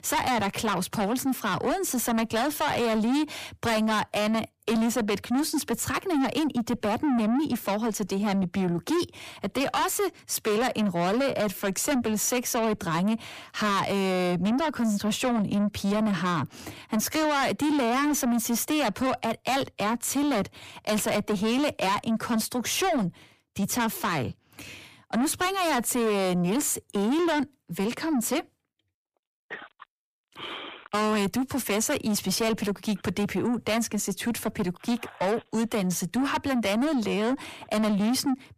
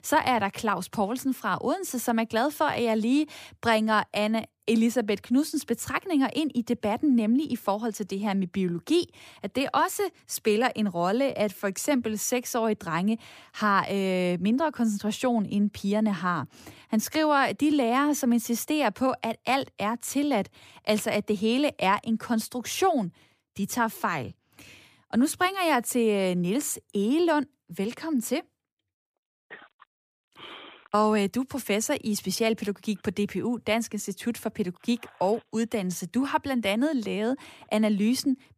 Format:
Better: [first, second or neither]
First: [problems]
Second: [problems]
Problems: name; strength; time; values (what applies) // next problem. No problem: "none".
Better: second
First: distortion; heavy; 7 dB below the speech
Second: none